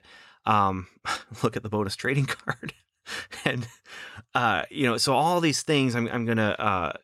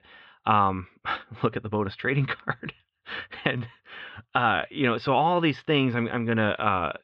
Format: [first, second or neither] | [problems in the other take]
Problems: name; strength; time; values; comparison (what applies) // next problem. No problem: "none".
first | muffled; very; fading above 3.5 kHz